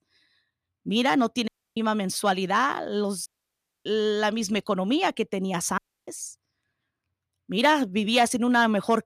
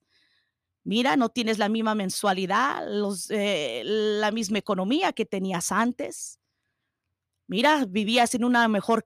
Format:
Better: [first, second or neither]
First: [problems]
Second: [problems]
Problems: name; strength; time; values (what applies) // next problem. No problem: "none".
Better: second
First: audio cutting out; at 1.5 s, at 3.5 s for 0.5 s and at 6 s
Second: none